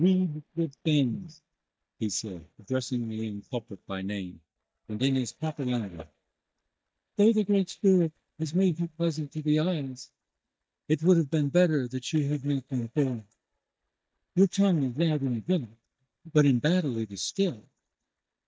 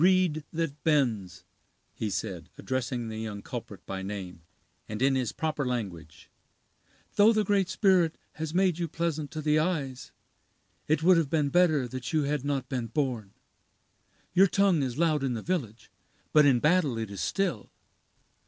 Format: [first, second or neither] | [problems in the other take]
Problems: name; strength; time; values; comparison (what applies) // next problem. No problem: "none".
second | noise reduction (neural mask model DeepFilterNet 3)